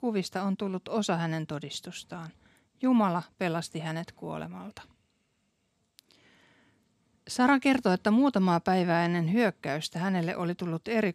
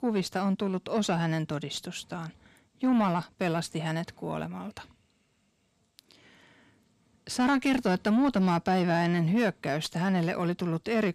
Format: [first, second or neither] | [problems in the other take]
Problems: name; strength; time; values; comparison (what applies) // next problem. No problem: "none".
first | distortion; slight; 10 dB below the speech